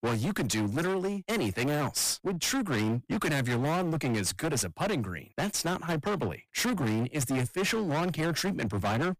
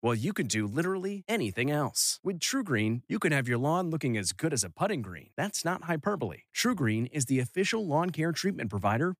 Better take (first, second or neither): second